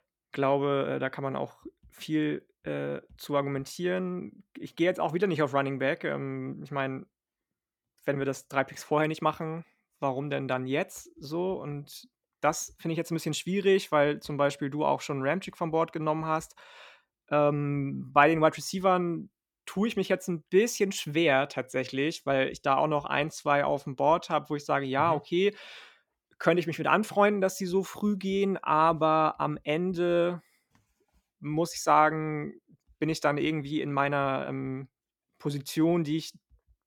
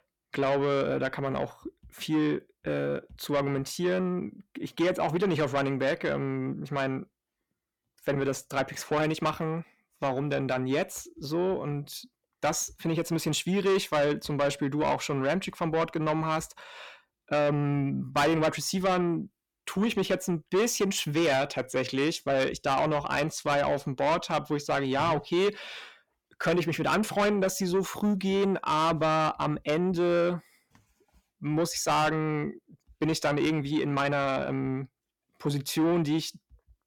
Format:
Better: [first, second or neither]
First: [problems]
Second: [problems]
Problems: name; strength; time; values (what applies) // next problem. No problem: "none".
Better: first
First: none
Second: distortion; heavy; 7 dB below the speech